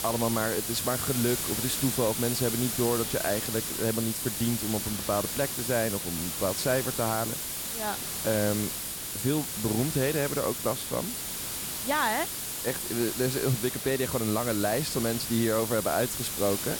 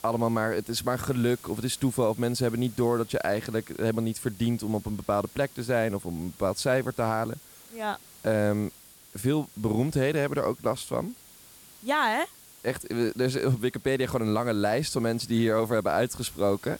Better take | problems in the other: second | hiss; loud; throughout; 1 dB below the speech; faint in the second

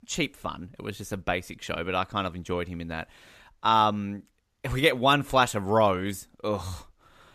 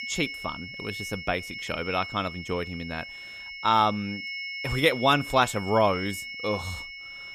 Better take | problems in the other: first | high-pitched whine; loud; throughout; 2 kHz, 9 dB below the speech

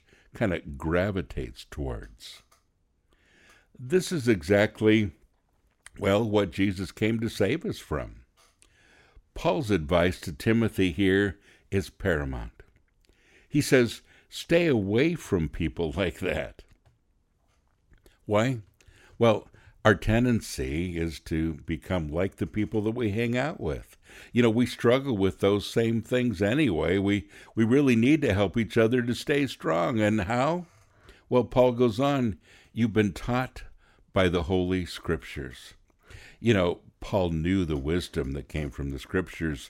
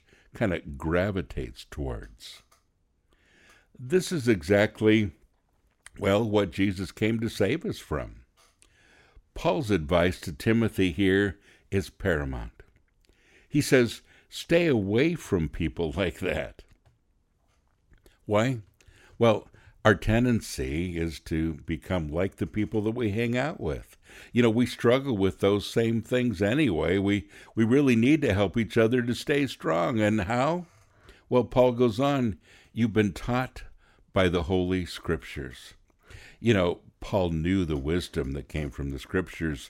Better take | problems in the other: neither | none

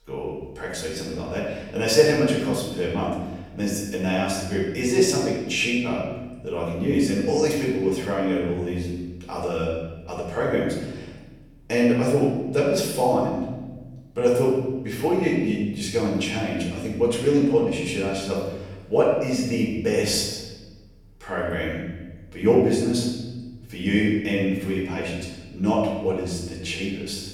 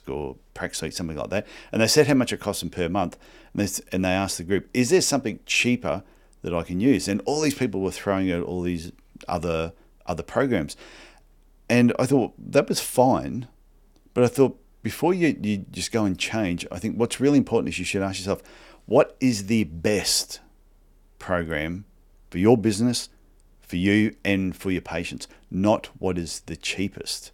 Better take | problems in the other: second | off-mic speech; far // room echo; noticeable; dies away in 1.1 s

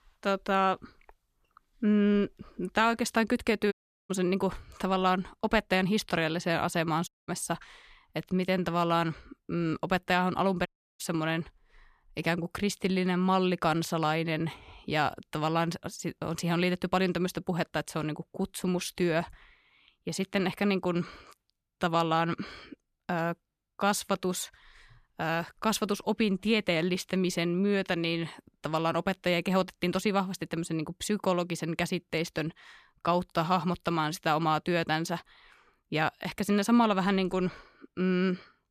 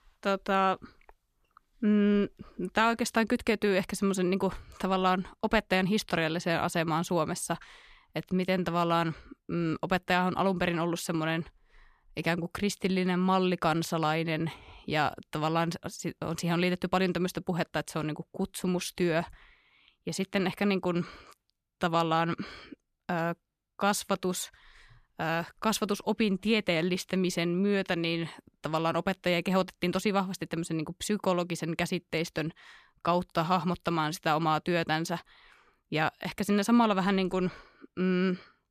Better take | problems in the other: second | audio cutting out; at 3.5 s, at 7 s and at 11 s

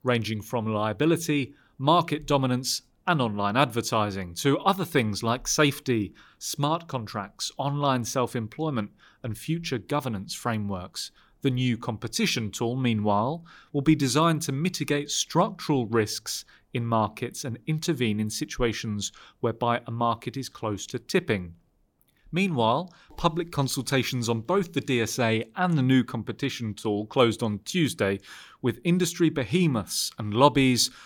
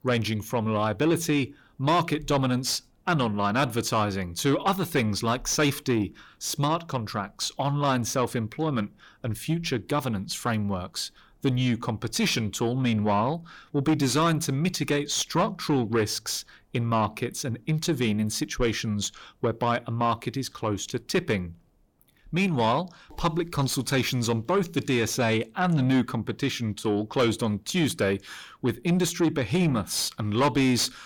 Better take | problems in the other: first | distortion; slight; 10 dB below the speech

